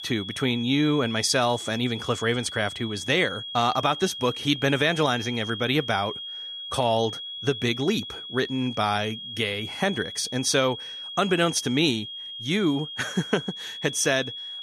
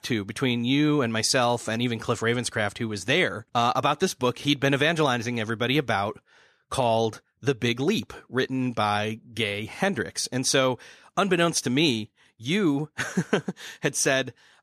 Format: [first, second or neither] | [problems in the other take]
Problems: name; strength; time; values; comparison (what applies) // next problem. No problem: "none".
second | high-pitched whine; loud; throughout; 3.5 kHz, 9 dB below the speech